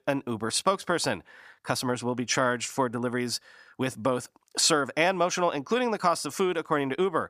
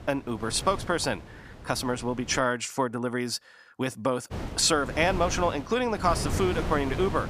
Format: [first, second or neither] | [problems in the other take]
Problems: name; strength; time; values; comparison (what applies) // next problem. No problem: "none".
first | wind noise on the microphone; occasional gusts; until 2.5 s and from 4.5 s on; 15 dB below the speech